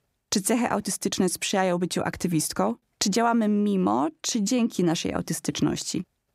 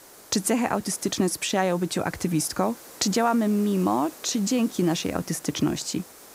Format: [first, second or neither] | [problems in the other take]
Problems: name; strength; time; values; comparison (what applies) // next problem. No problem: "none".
first | hiss; noticeable; throughout; 20 dB below the speech